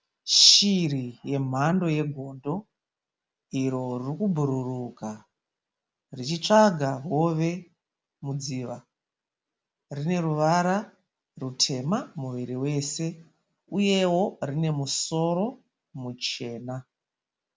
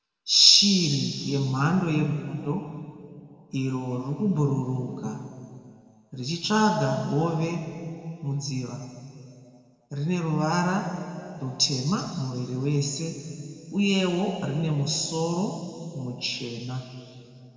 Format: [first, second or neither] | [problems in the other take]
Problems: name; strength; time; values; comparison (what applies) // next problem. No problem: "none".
first | room echo; dies away in 2.5 s